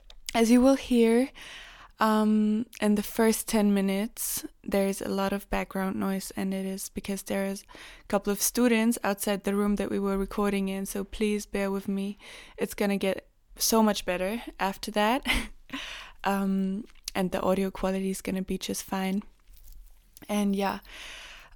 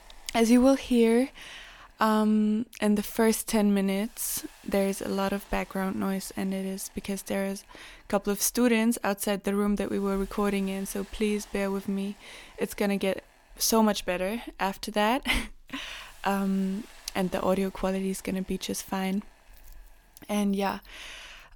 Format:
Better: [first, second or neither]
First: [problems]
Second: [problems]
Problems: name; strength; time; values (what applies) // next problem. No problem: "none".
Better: first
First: none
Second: hiss; faint; throughout; 25 dB below the speech